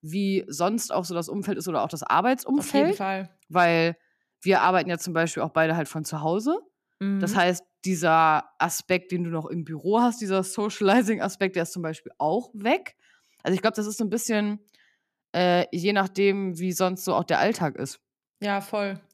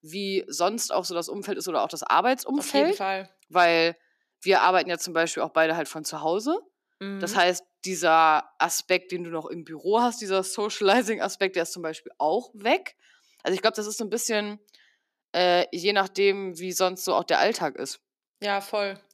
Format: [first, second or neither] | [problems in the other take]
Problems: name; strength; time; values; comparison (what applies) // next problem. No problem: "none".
first | thin; somewhat; fading below 350 Hz